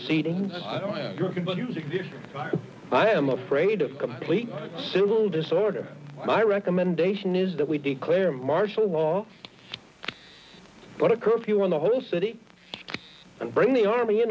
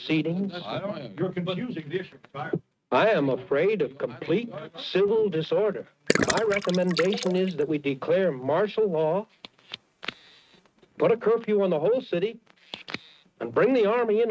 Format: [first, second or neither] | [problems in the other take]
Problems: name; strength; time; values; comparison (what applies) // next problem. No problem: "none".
first | noise reduction (neural mask model RNNoise)